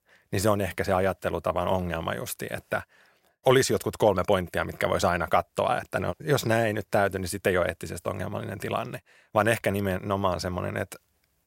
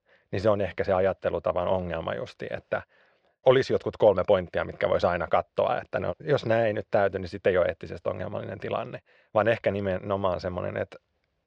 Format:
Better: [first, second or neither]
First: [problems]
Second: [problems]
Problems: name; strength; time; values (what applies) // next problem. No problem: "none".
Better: first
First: none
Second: muffled; slightly; fading above 4.5 kHz